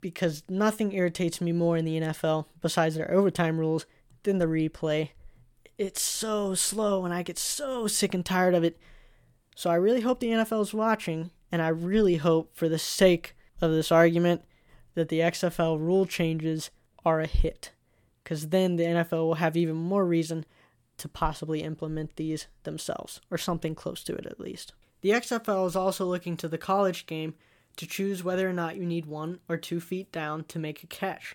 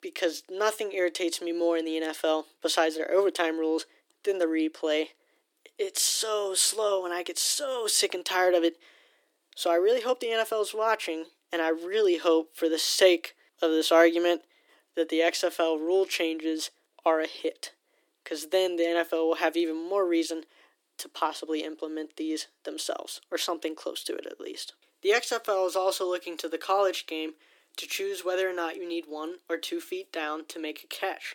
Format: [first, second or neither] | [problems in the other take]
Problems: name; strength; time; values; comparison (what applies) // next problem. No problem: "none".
first | thin; very; fading below 300 Hz